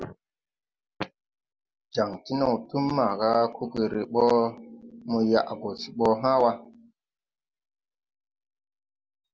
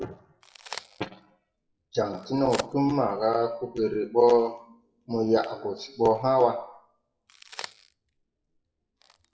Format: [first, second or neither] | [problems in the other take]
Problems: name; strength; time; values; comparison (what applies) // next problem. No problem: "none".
first | noise reduction (classical method WPE with log-MMSE)